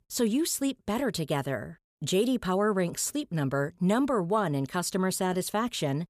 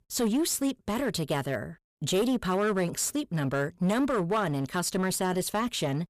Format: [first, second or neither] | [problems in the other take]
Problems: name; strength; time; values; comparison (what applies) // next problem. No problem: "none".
first | distortion; slight; 11% of the sound clipped